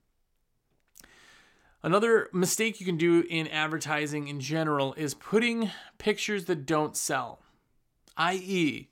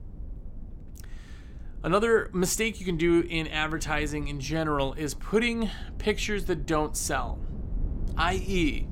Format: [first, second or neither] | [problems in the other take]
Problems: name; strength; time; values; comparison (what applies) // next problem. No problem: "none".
first | low rumble; faint; throughout; 25 dB below the speech